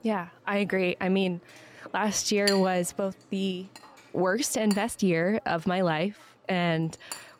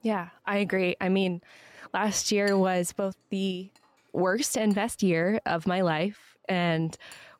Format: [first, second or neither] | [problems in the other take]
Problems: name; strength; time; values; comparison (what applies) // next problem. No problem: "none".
second | household noises; loud; throughout; 10 dB below the speech; faint in the second